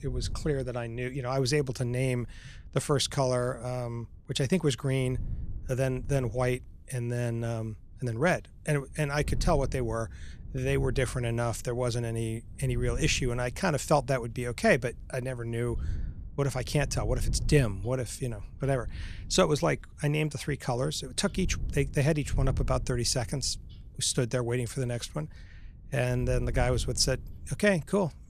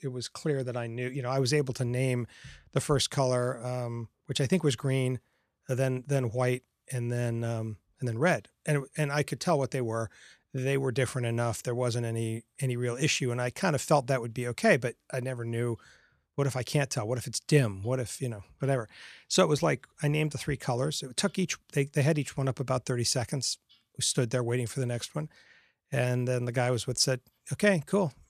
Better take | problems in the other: second | wind noise on the microphone; occasional gusts; 25 dB below the speech

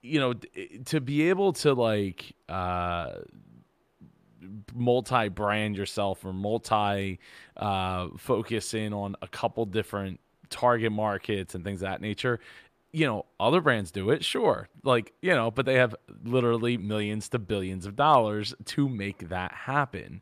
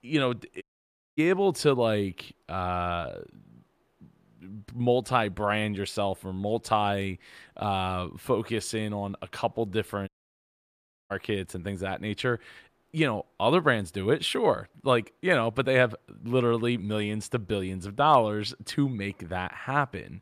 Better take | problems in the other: first | audio cutting out; at 0.5 s for 0.5 s and at 10 s for 1 s

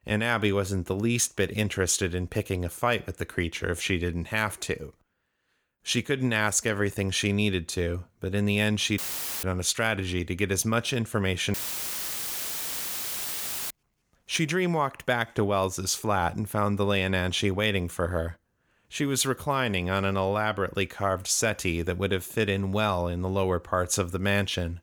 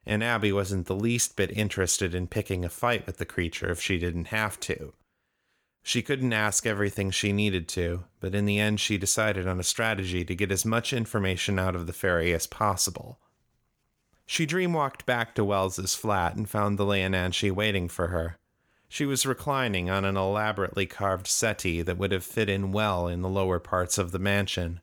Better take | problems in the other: second | audio cutting out; filled with static; at 9 s and at 12 s for 2 s

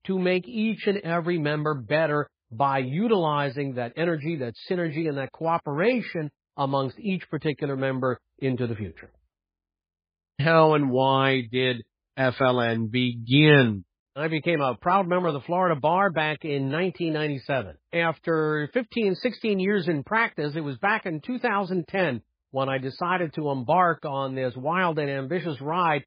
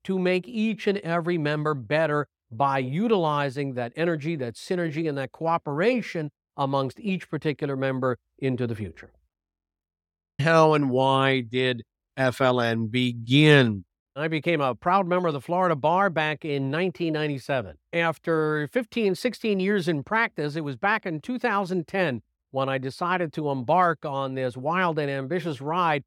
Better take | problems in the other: second | garbled, watery; badly

